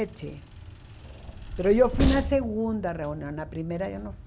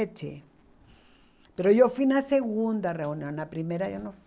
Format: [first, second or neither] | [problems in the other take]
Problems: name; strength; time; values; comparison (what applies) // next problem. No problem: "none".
second | background sound (Train); 5 dB below the speech